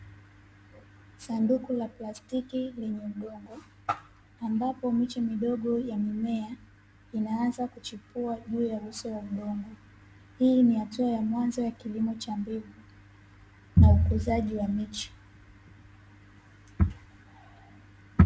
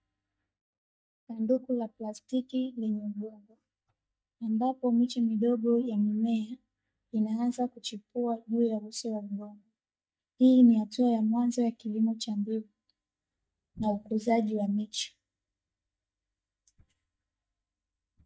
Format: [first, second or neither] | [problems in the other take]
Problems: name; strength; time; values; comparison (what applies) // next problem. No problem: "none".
first | noise reduction (neural mask model DeepFilterNet 3)